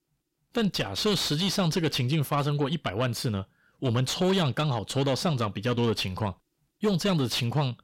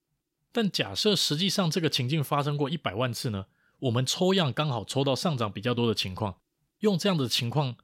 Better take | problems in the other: second | distortion; slight; 10 dB below the speech

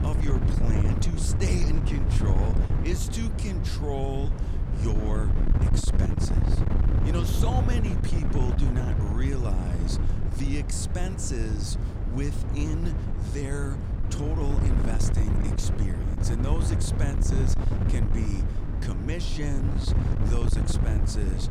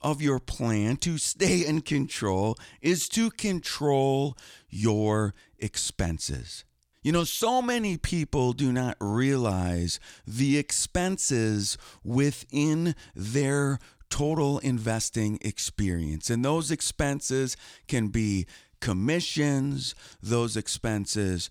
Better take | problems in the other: second | wind noise on the microphone; heavy; 1 dB below the speech

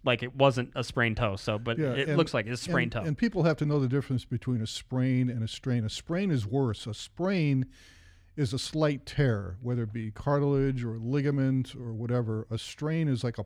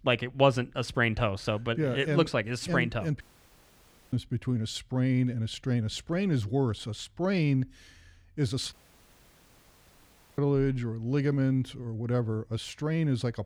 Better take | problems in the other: first | audio cutting out; at 3 s for 1 s and at 8.5 s for 1.5 s

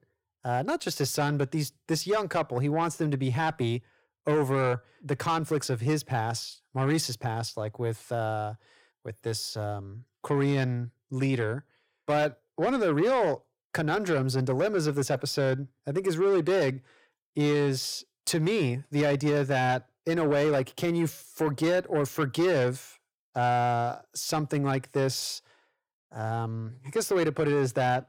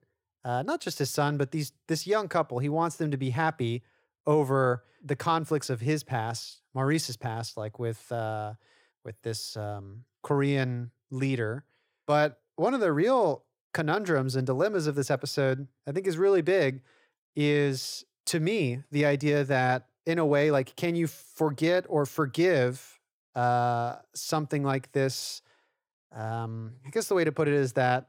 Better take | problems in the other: second | distortion; slight; 10 dB below the speech

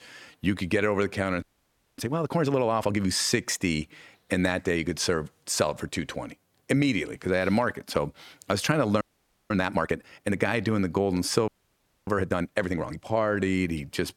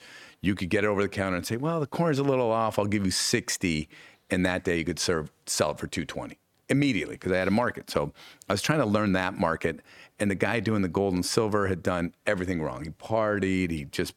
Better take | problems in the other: second | audio freezing; at 1.5 s for 0.5 s, at 9 s and at 11 s for 0.5 s

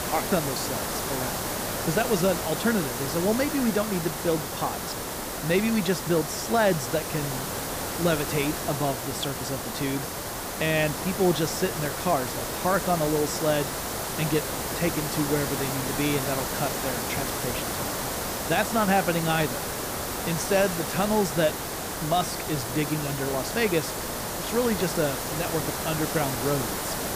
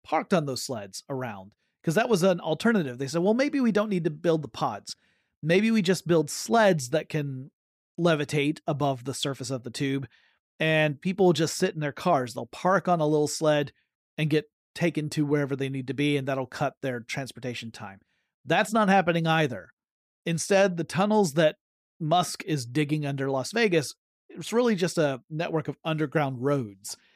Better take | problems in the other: second | hiss; loud; throughout; 2 dB below the speech

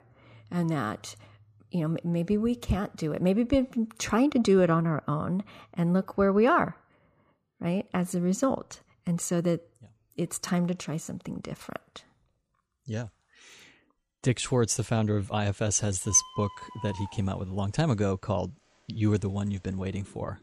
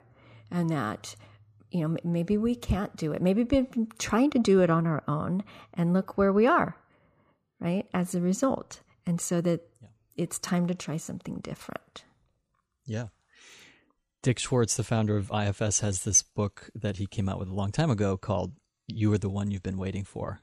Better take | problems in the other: second | animal sounds; noticeable; from 16 s on; 20 dB below the speech

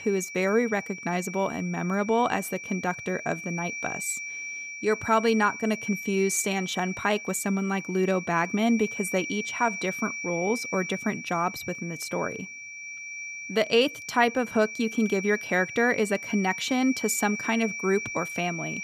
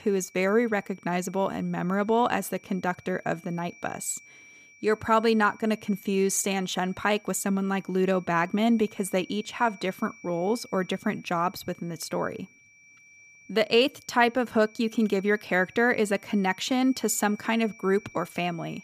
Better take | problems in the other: second | high-pitched whine; loud; throughout; 2.5 kHz, 8 dB below the speech; faint in the second

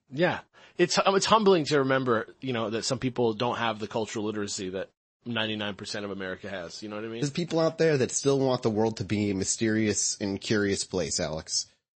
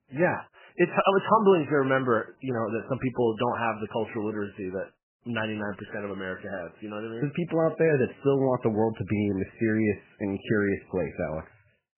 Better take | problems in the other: first | garbled, watery; badly; nothing above 3 kHz; slightly in the first

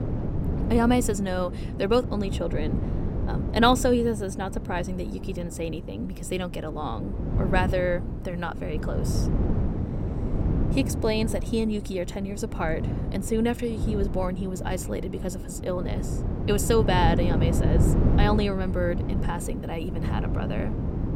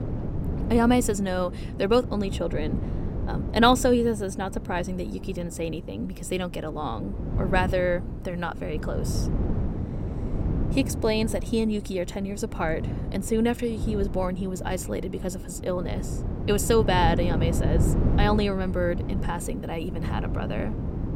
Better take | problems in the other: second | wind noise on the microphone; heavy; 8 dB below the speech; occasional gusts in the second

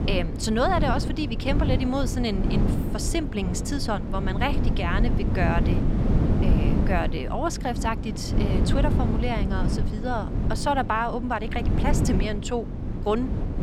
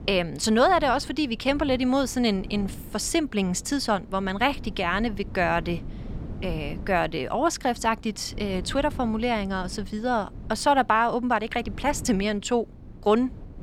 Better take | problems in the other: second | low rumble; loud; throughout; 6 dB below the speech; faint in the second

